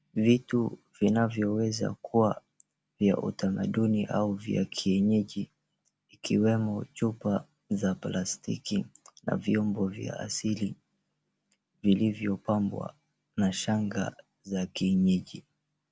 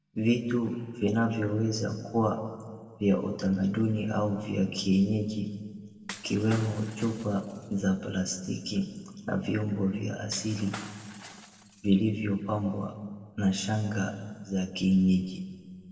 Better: first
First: none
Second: noise reduction (neural separator model SepFormer DNS4)

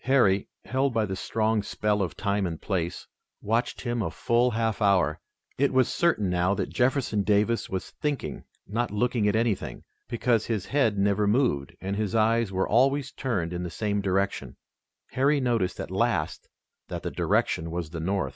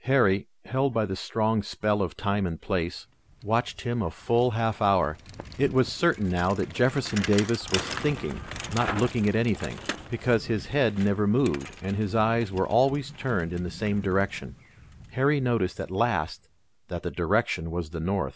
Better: first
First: none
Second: background sound (Bicycle); 15 dB below the speech

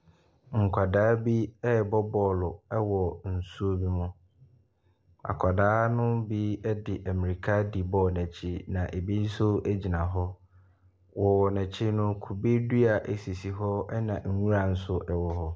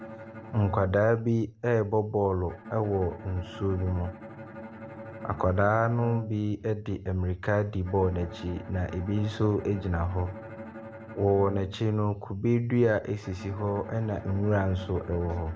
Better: first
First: none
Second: background sound (Bowed string instrument); 15 dB below the speech

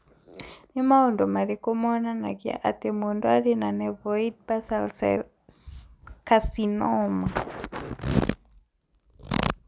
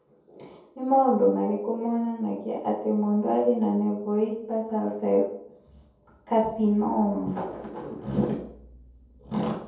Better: first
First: none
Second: room echo; dies away in 0.7 s

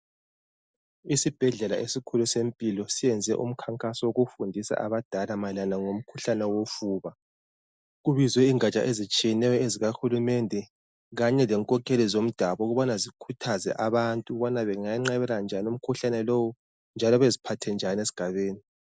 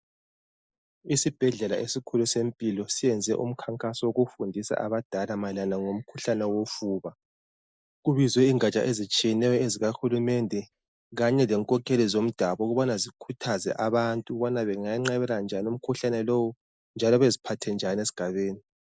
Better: first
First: none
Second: noise reduction (neural mask model Resemble Enhance denoiser)

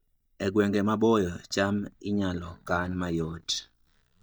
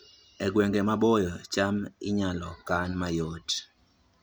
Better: second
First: noise reduction (neural mask model DeepFilterNet 3)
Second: none

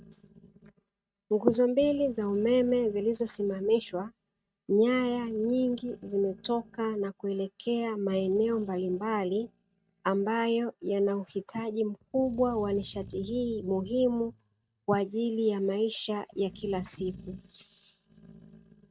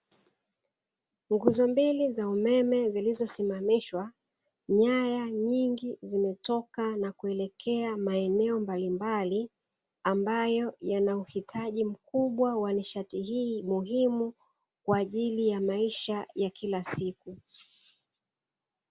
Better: second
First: noise reduction (neural mask model RNNoise)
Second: none

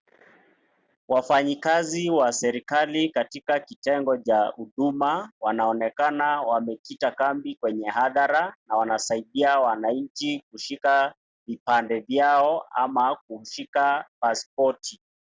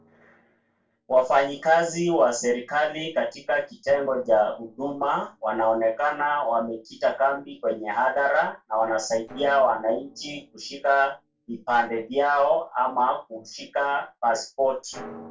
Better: first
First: none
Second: noise reduction (neural separator model SepFormer DNS4)

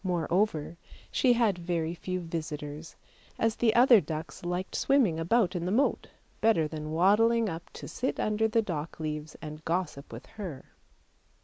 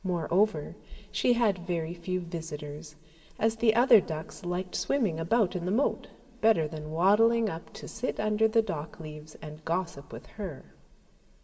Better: first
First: none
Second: room echo; dies away in 1.9 s

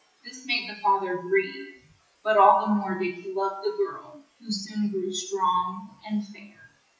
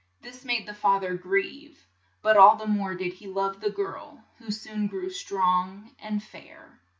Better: second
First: noise reduction (classical method WPE with log-MMSE)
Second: none

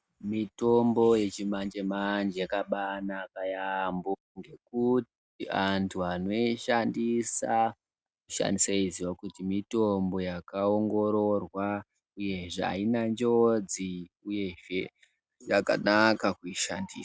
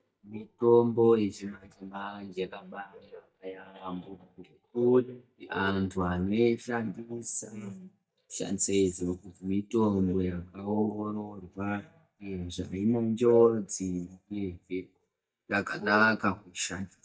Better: first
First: none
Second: noise reduction (neural mask model DeepFilterNet 3)

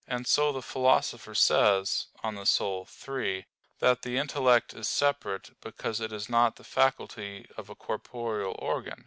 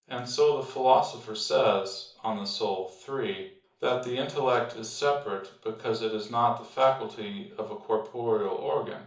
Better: first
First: none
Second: room echo; dies away in 0.7 s

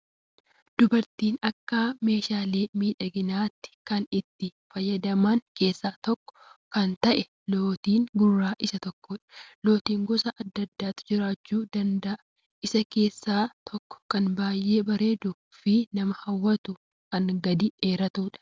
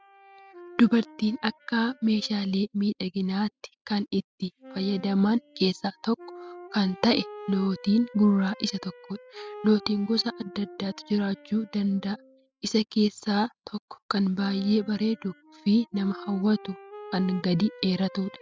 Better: first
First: none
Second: noise reduction (classical method spectral subtraction)

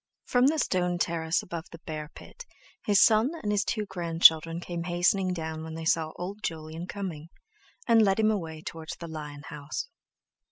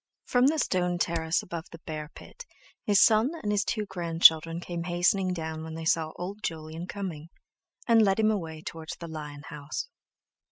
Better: first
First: none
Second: noise reduction (neural mask model RNNoise)

